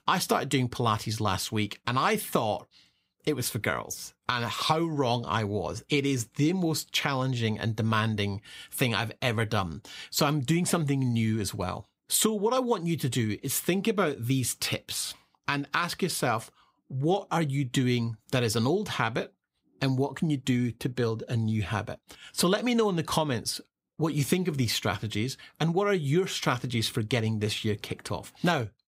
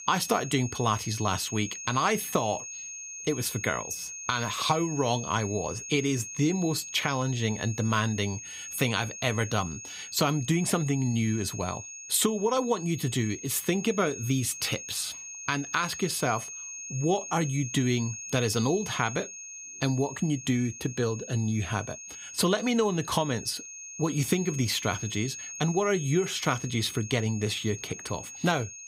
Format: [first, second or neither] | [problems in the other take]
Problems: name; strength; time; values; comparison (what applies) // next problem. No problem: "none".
first | high-pitched whine; loud; throughout; 6.5 kHz, 9 dB below the speech